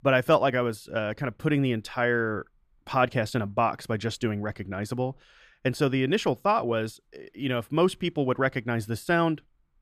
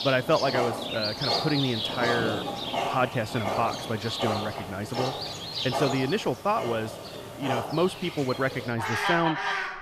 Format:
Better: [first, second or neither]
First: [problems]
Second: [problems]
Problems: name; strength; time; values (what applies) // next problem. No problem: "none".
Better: first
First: none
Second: animal sounds; loud; throughout; 2 dB below the speech